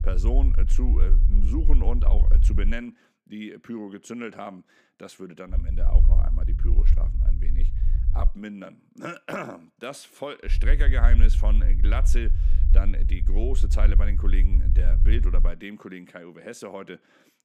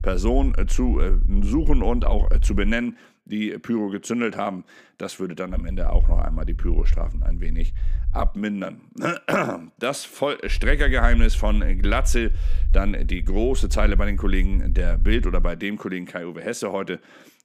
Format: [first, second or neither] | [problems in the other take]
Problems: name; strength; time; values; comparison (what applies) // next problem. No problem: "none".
second | low rumble; loud; until 2.5 s, from 5.5 to 8.5 s and from 10 to 15 s; 9 dB below the speech; faint in the second